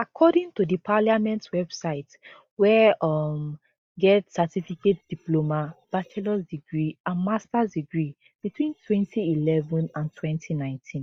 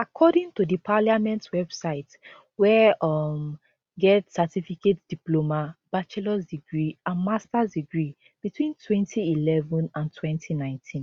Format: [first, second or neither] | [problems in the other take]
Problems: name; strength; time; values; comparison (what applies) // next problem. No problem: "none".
second | noise reduction (neural mask model DeepFilterNet 3)